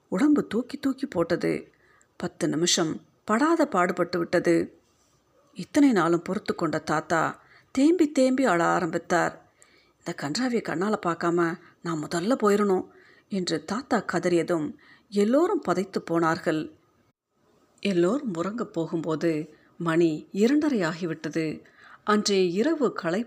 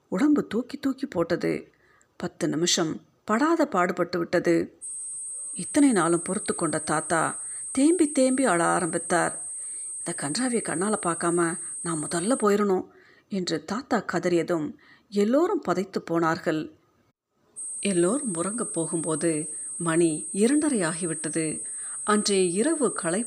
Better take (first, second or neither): first